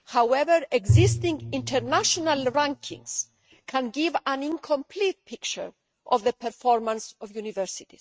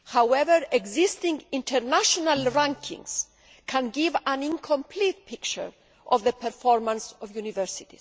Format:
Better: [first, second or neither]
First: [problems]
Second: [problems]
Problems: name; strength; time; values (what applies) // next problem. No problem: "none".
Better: second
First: noise reduction (neural mask model RNNoise)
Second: none